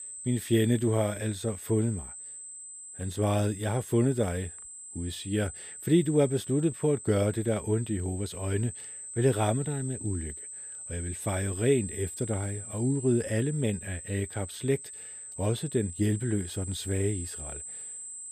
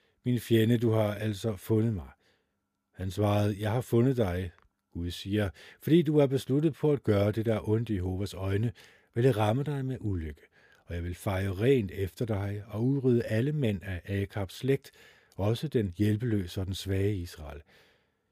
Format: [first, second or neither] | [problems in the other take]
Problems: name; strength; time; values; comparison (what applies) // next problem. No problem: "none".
second | high-pitched whine; loud; throughout; 8 kHz, 10 dB below the speech